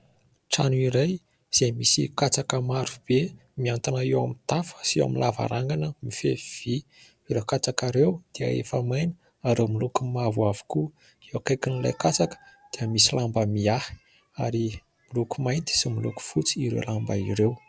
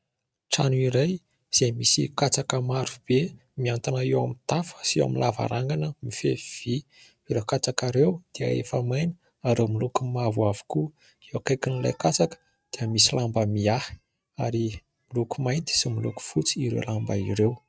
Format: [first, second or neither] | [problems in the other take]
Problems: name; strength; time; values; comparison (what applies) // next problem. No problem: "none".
first | noise reduction (neural mask model RNNoise)